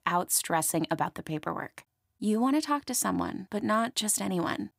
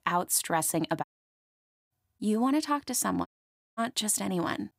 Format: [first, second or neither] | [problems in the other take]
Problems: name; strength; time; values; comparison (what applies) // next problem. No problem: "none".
first | audio cutting out; at 1 s for 1 s and at 3.5 s for 0.5 s